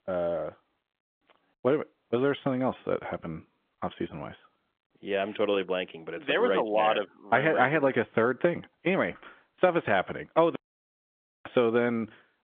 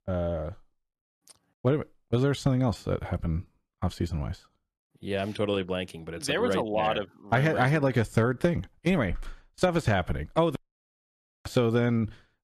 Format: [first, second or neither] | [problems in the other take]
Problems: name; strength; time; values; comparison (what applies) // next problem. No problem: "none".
second | phone-call audio; nothing above 3.5 kHz